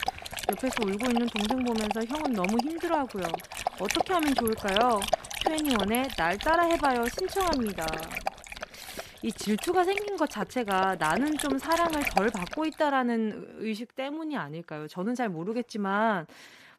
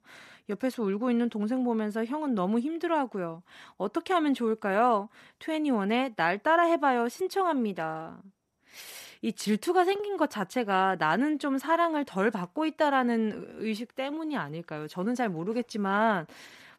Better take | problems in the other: second | animal sounds; loud; until 13 s; 5 dB below the speech

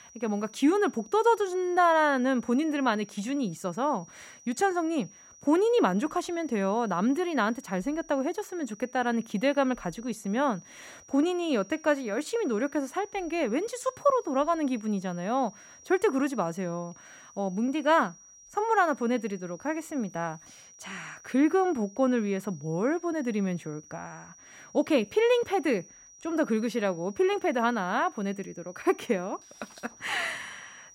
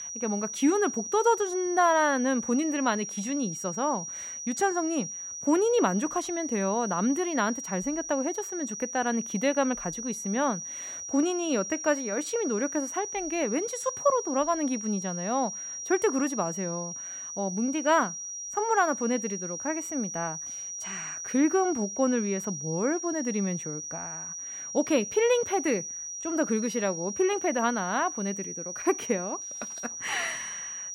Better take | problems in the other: first | high-pitched whine; loud; throughout; 6 kHz, 6 dB below the speech; faint in the first

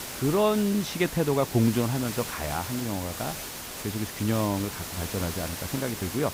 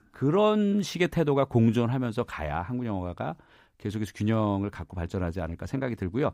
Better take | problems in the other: second | hiss; loud; throughout; 7 dB below the speech

